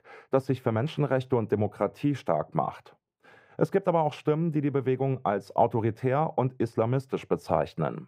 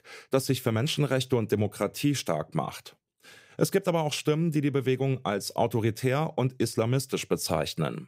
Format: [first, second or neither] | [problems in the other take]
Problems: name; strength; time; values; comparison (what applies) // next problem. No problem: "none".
second | muffled; very; fading above 3 kHz